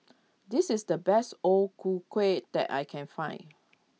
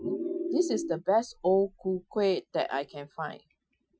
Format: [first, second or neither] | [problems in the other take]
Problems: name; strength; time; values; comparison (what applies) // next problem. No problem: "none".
first | noise reduction (classical method Wiener filter)